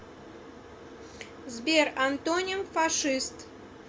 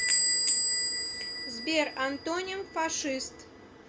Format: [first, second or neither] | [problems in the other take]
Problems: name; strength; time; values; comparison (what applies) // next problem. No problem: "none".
first | background sound (Door / Bell); 3 dB above the speech